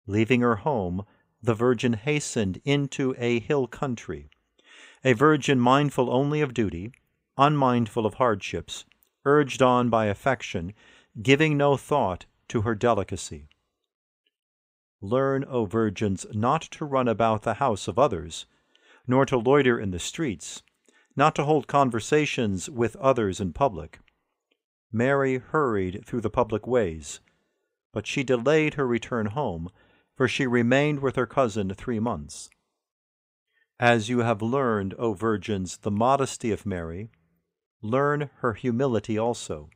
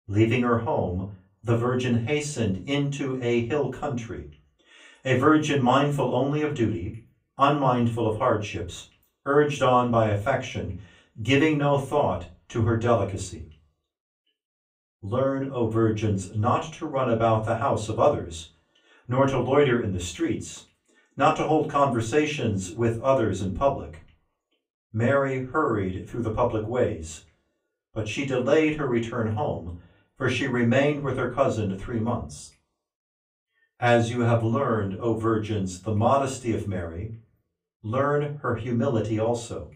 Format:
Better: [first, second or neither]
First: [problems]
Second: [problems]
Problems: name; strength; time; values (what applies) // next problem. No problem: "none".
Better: first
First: none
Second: off-mic speech; far // room echo; very slight; dies away in 0.3 s